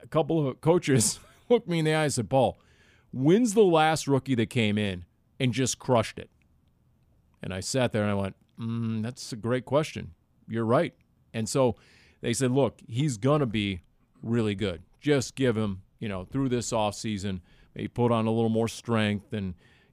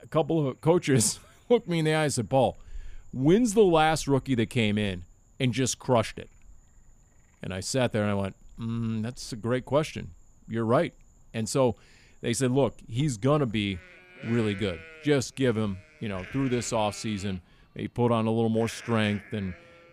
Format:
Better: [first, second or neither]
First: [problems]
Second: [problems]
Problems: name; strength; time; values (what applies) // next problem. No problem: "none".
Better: first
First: none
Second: animal sounds; faint; throughout; 20 dB below the speech